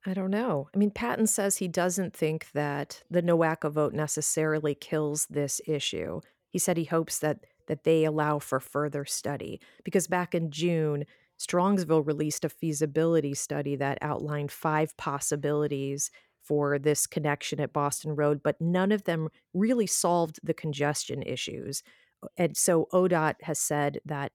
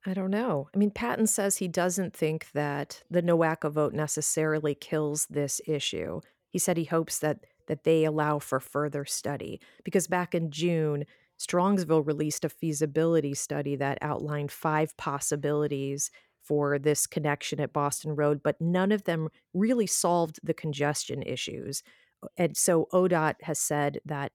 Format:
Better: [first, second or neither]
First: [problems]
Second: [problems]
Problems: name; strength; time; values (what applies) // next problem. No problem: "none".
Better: neither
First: none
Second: none